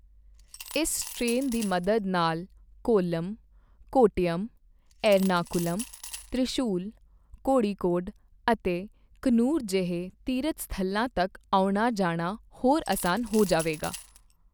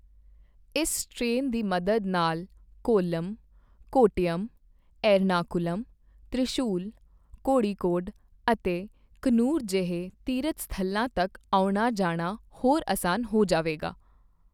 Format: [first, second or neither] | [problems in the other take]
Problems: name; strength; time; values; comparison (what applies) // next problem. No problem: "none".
second | background sound (Coin (dropping) / Glass); 15 dB below the speech